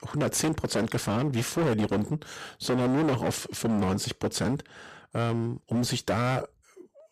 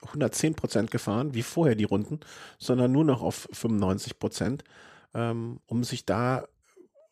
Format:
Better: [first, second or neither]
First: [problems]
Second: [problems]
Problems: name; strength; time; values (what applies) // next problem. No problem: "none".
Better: second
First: distortion; heavy; 17% of the sound clipped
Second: none